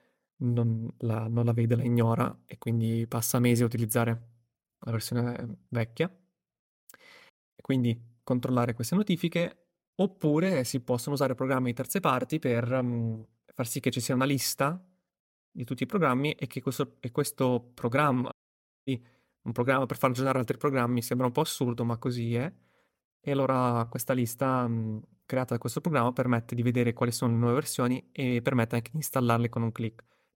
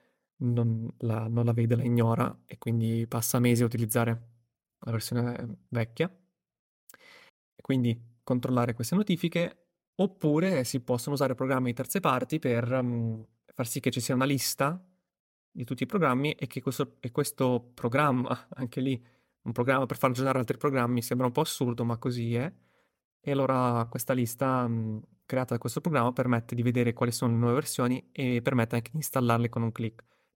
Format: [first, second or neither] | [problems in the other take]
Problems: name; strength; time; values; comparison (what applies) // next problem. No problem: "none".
second | audio cutting out; at 18 s for 0.5 s